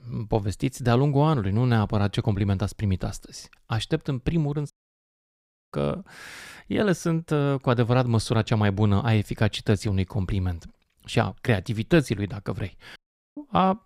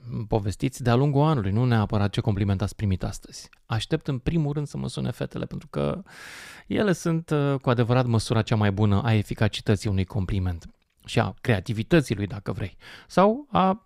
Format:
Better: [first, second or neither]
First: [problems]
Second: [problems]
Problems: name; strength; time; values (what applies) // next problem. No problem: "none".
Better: second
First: audio cutting out; at 4.5 s for 1 s and at 13 s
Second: none